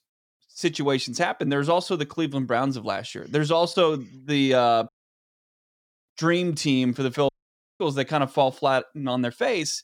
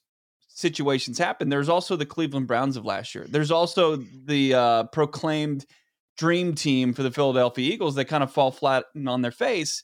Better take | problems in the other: second | audio cutting out; at 5 s for 1 s and at 7.5 s for 0.5 s

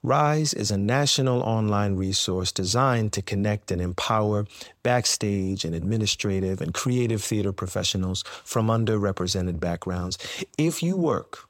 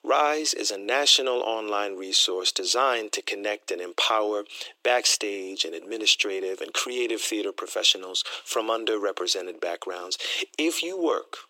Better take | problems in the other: first | thin; very; fading below 300 Hz

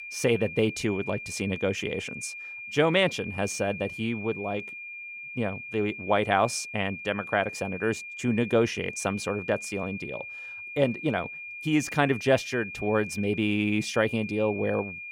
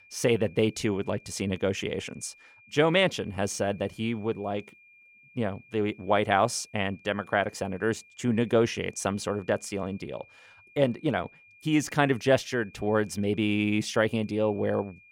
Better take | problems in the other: second | high-pitched whine; loud; throughout; 2.5 kHz, 9 dB below the speech; faint in the second

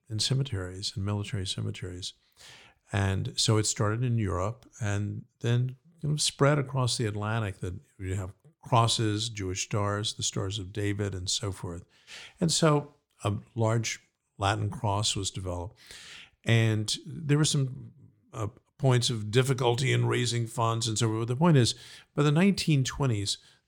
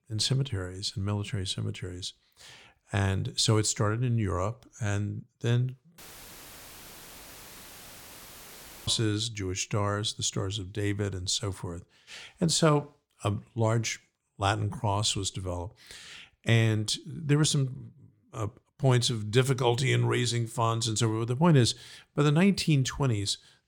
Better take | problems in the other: first | audio cutting out; filled with static; at 6 s for 3 s

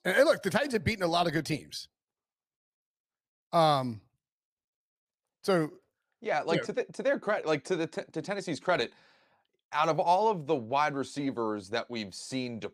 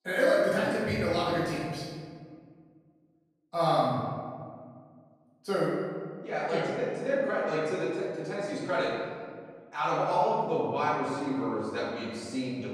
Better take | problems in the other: first | off-mic speech; far // room echo; strong; dies away in 1.7 s

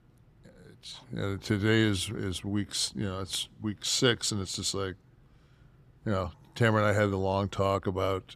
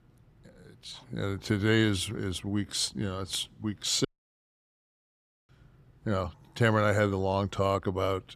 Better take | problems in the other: first | audio cutting out; at 4 s for 1.5 s

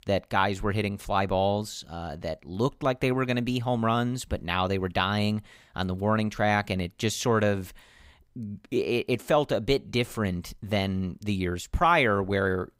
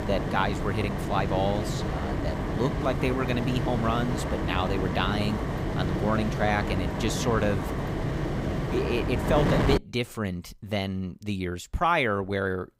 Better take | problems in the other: first | wind noise on the microphone; heavy; until 10 s; 4 dB below the speech

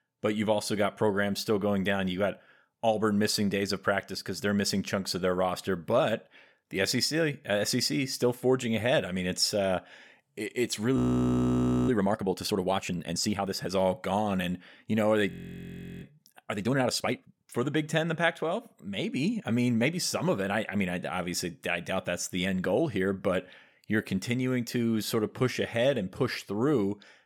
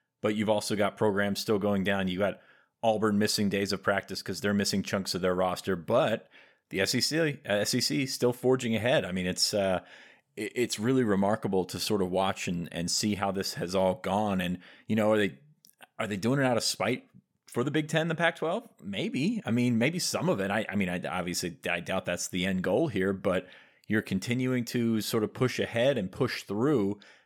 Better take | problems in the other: second | audio freezing; at 11 s for 1 s and at 15 s for 0.5 s

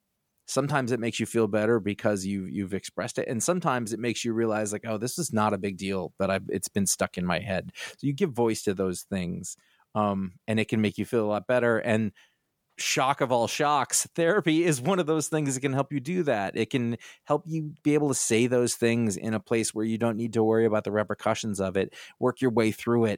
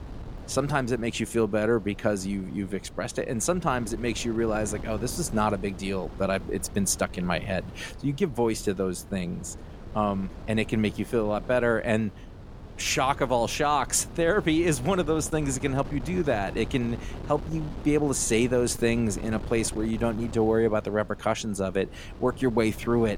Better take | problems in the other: first | wind noise on the microphone; occasional gusts; 20 dB below the speech

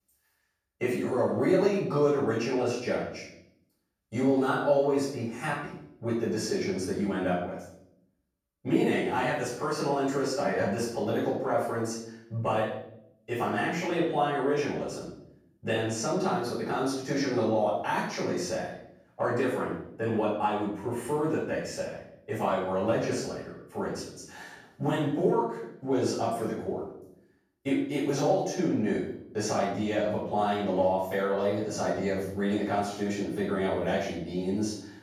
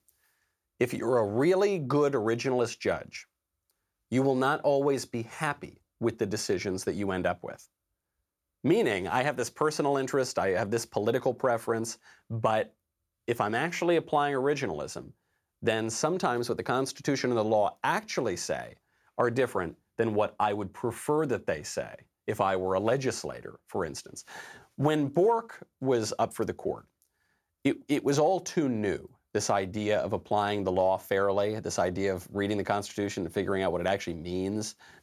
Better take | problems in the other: second | room echo; noticeable; dies away in 0.6 s // off-mic speech; far

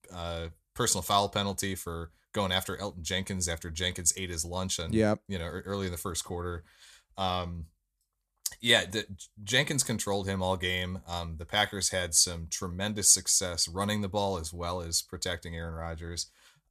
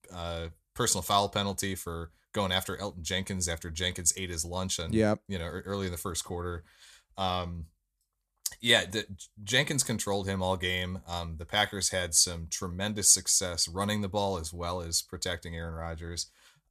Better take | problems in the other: neither | none

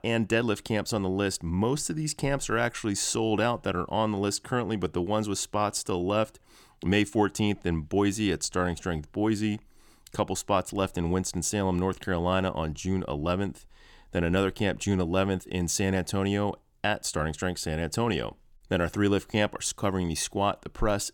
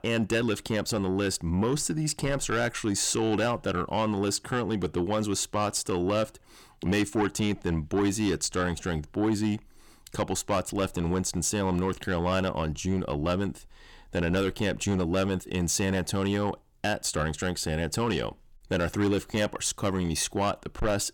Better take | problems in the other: first | distortion; slight; 10 dB below the speech

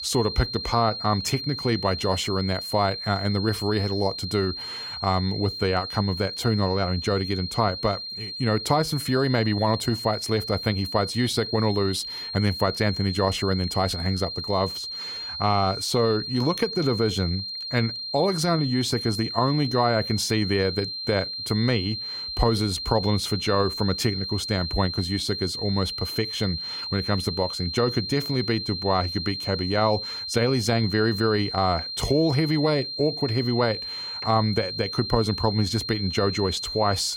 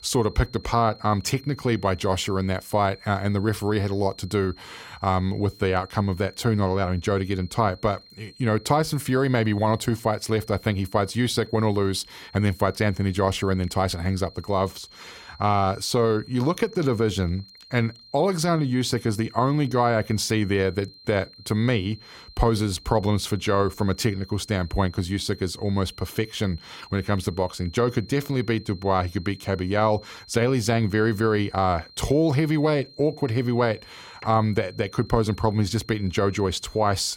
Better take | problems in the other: second | high-pitched whine; loud; throughout; 4 kHz, 5 dB below the speech; faint in the second

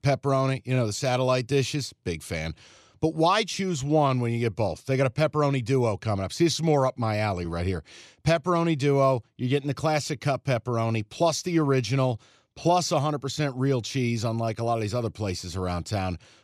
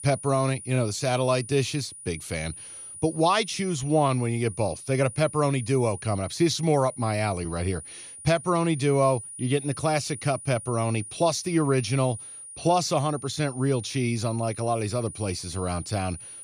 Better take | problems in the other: first | high-pitched whine; noticeable; throughout; 9.5 kHz, 15 dB below the speech

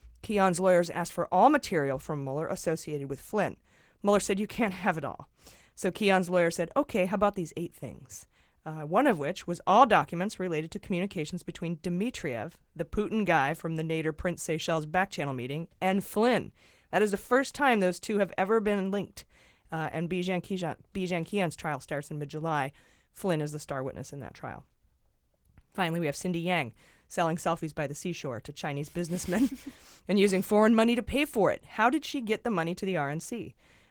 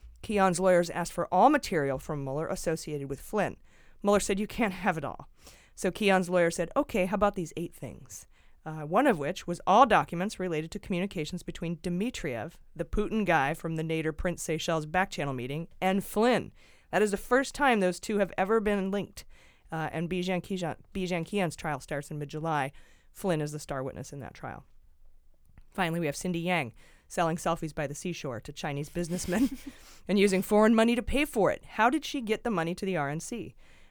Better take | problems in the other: second | garbled, watery; slightly; nothing above 19 kHz

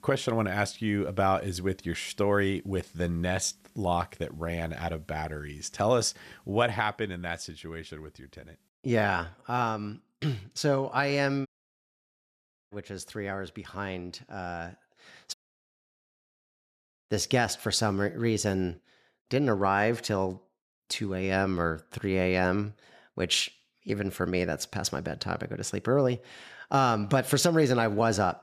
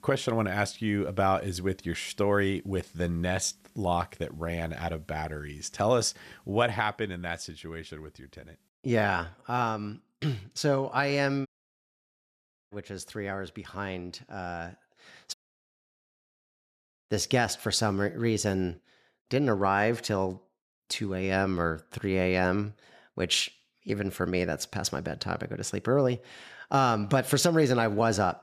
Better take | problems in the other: neither | audio cutting out; at 11 s for 1.5 s and at 15 s for 2 s; the same in both

